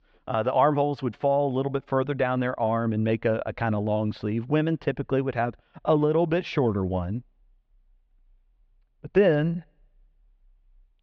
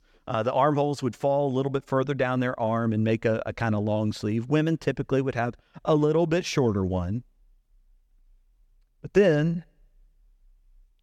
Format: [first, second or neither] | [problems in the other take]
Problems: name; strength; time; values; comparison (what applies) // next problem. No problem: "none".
second | muffled; slightly; fading above 3.5 kHz